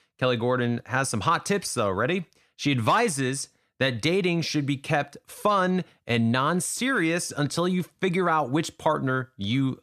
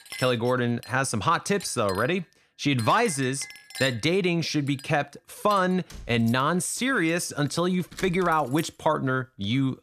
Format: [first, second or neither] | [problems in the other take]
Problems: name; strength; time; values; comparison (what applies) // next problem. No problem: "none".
first | household noises; noticeable; throughout; 15 dB below the speech